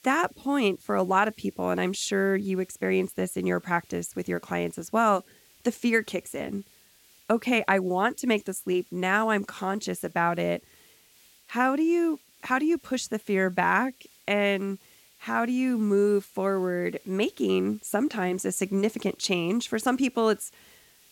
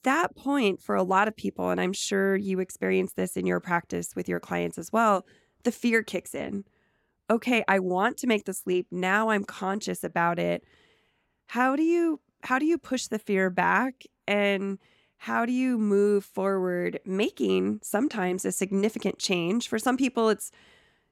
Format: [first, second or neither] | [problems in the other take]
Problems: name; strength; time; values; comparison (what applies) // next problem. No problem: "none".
second | hiss; faint; throughout; 30 dB below the speech